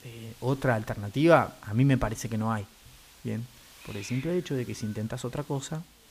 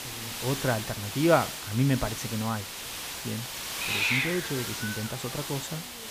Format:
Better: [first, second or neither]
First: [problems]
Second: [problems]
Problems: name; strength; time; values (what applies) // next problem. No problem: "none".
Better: first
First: hiss; faint; throughout; 20 dB below the speech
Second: hiss; loud; throughout; 2 dB below the speech